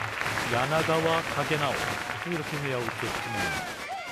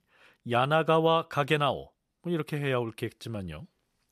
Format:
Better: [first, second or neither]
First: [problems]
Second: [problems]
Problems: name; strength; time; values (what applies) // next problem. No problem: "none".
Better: second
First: crowd noise; very loud; throughout; as loud as the speech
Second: none